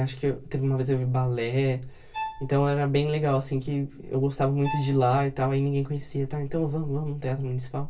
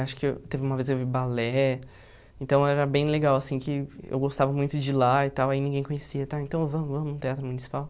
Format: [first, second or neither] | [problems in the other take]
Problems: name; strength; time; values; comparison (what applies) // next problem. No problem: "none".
second | background sound (Bowed string instrument); 14 dB below the speech // room echo; dies away in 0.1 s